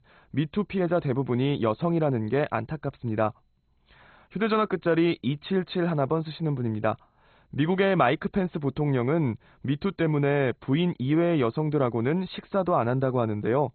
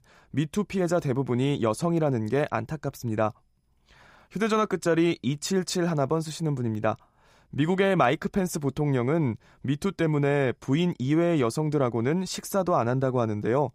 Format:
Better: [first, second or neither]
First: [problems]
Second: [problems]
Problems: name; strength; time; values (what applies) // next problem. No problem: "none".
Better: second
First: garbled, watery; badly; nothing above 4 kHz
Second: none